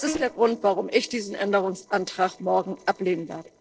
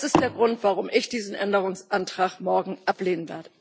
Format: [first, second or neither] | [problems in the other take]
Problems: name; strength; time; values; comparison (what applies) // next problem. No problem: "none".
second | noise reduction (neural separator model SepFormer DNS4)